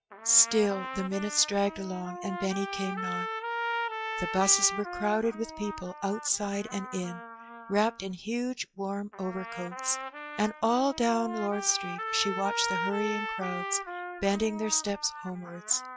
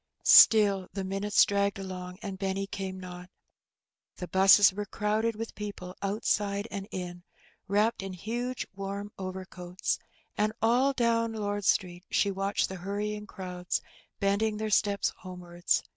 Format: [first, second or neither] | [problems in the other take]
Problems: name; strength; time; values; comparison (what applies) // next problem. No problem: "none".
second | noise reduction (classical method log-MMSE)